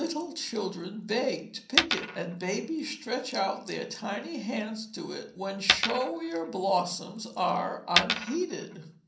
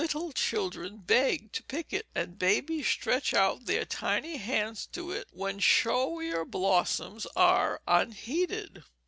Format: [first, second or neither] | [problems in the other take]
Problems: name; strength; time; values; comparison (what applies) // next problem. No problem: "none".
second | background sound (Coin (dropping)); 1 dB above the speech // room echo; dies away in 0.6 s